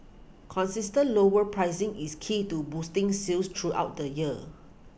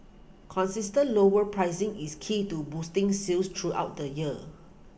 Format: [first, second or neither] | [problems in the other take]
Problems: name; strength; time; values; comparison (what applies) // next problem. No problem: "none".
first | room echo; dies away in 1.9 s